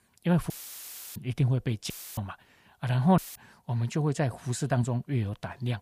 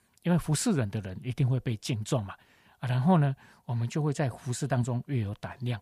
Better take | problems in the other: second | audio cutting out; filled with static; at 0.5 s for 0.5 s, at 2 s and at 3 s

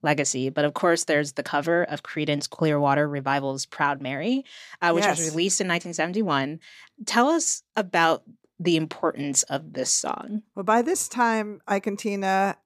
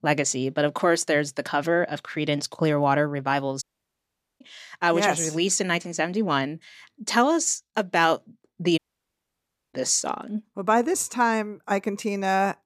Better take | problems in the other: first | audio cutting out; at 3.5 s for 1 s and at 9 s for 1 s

